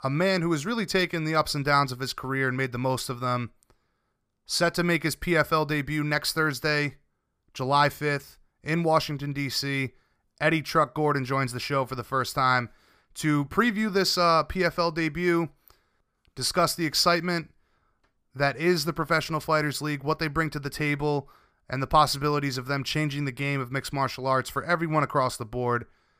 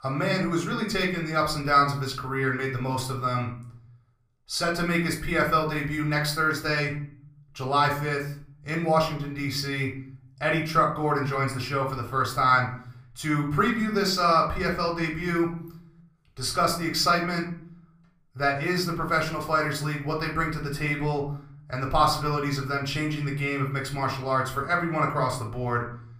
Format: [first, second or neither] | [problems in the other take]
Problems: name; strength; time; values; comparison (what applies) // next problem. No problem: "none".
first | off-mic speech; somewhat distant // room echo; slight; dies away in 0.5 s